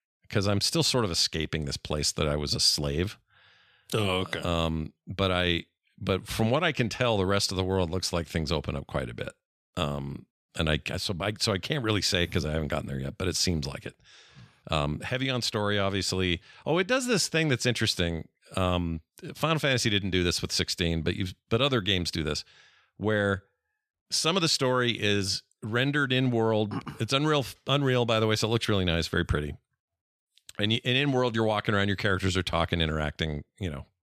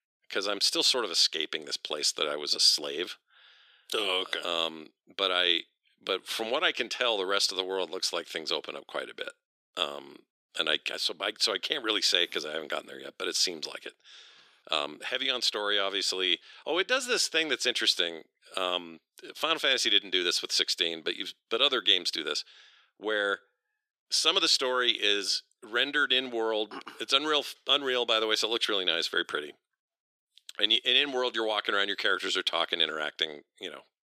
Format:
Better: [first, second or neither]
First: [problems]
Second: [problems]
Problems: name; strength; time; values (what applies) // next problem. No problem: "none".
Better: first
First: none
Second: thin; very; fading below 350 Hz